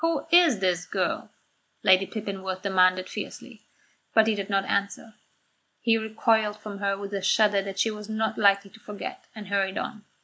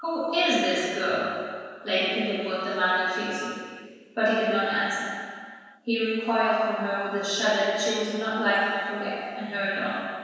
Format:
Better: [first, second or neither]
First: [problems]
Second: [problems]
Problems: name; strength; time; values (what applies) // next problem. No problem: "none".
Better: first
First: none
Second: room echo; dies away in 1.9 s